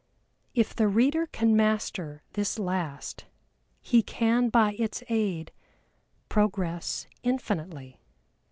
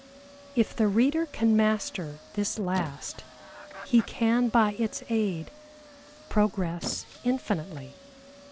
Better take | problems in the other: first | background sound (Squeak + Chicken, rooster); 18 dB below the speech

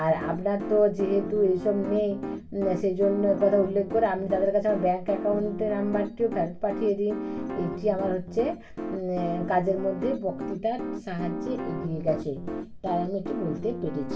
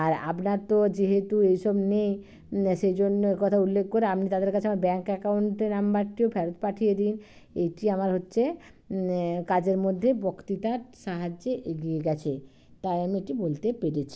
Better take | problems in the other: second | background sound (Piano); 7 dB below the speech // room echo; dies away in 0.2 s

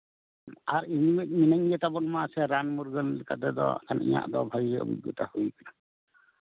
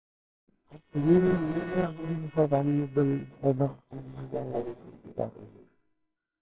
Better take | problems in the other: first | noise reduction (neural separator model SepFormer WHAMR!)

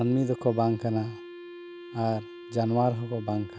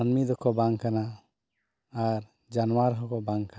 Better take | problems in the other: second | background sound (Wind instrument, woodwind instrument); 15 dB below the speech

